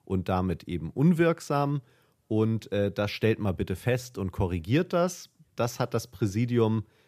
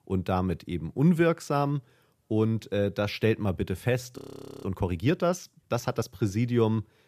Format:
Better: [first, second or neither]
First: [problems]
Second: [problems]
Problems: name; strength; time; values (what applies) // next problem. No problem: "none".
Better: first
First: none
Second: audio freezing; at 4 s